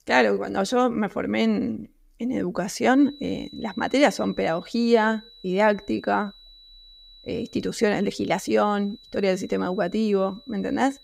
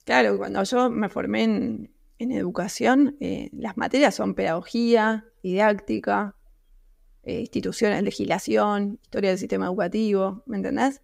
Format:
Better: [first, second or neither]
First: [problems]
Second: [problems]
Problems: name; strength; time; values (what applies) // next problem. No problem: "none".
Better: second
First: high-pitched whine; faint; from 3 s on; 4 kHz, 25 dB below the speech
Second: none